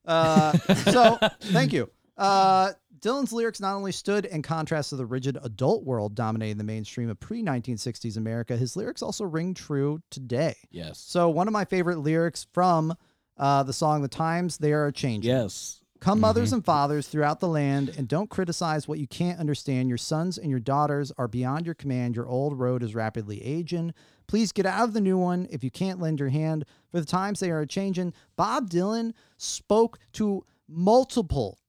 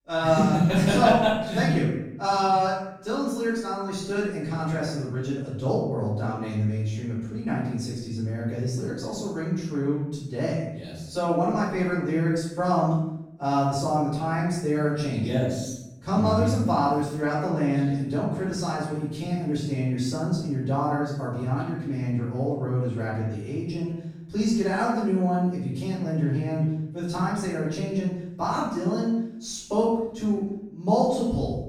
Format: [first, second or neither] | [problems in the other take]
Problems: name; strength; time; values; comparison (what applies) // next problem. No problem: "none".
first | off-mic speech; far // room echo; noticeable; dies away in 0.8 s